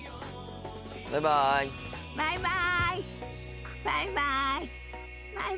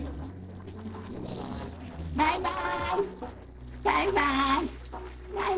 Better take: first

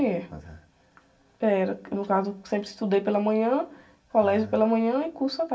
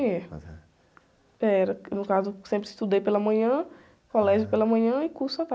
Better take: second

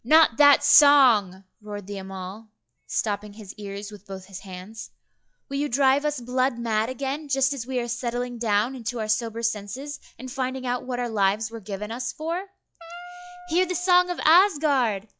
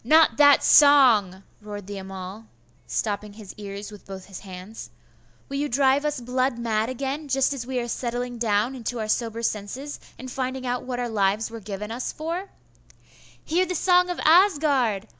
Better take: second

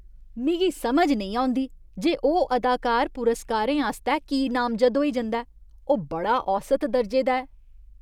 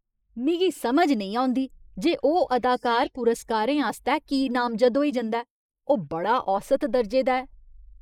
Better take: first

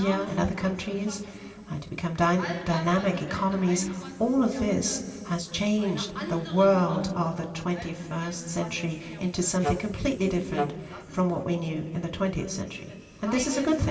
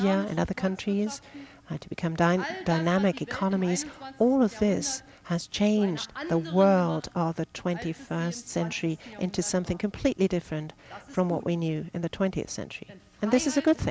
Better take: second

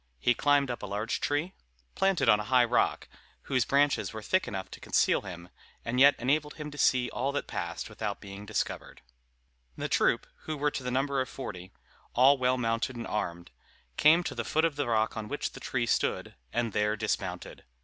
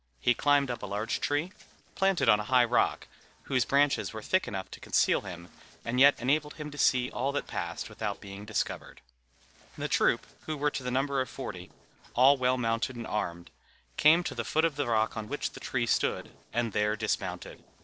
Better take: first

